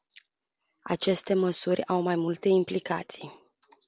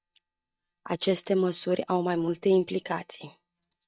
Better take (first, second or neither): first